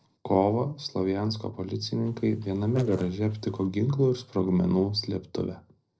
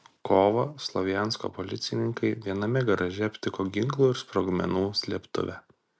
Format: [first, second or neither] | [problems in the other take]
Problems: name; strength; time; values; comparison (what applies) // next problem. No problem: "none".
second | noise reduction (neural separator model SepFormer DNS4)